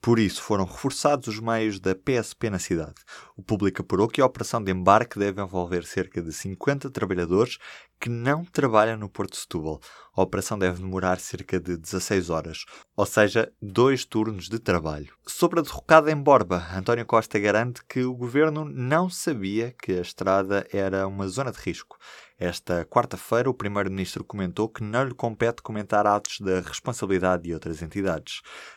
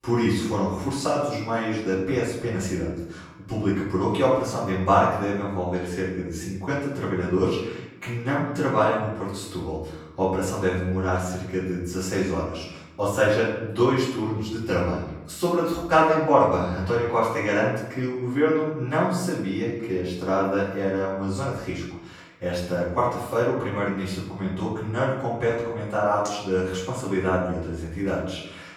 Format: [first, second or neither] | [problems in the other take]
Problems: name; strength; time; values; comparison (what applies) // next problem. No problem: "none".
first | off-mic speech; far // room echo; noticeable; dies away in 0.8 s